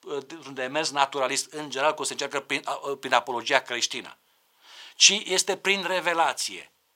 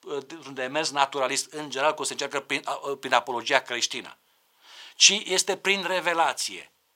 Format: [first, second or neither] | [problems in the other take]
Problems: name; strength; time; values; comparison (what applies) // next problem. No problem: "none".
neither | thin; very; fading below 700 Hz; the same in both